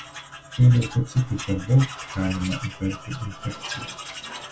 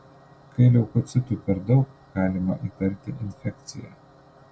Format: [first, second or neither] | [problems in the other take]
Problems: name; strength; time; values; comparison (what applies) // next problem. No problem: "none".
second | background sound (Tools); 13 dB below the speech // room echo; dies away in 0.2 s